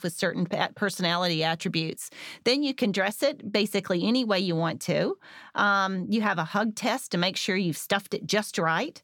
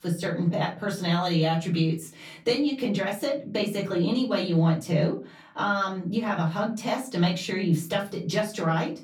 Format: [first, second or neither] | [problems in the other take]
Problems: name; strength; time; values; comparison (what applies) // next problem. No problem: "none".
first | off-mic speech; far // room echo; very slight; dies away in 0.4 s